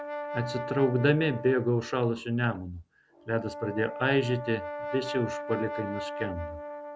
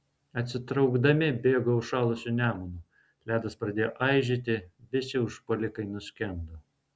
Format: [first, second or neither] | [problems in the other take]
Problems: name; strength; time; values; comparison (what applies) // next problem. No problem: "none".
second | background sound (Brass instrument); 9 dB below the speech